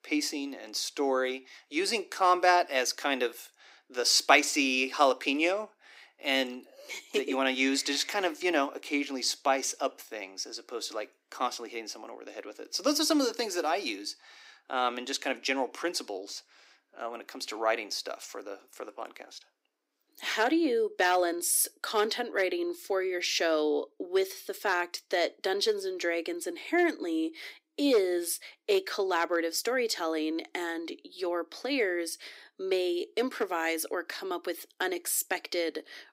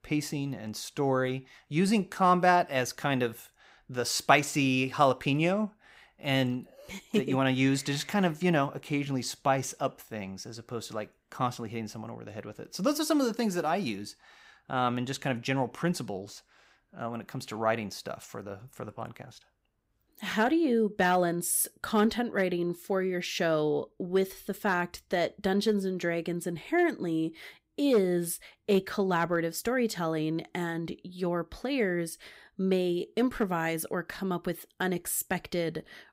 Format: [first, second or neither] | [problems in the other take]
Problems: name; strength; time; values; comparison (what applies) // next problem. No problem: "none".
second | thin; very slightly; fading below 300 Hz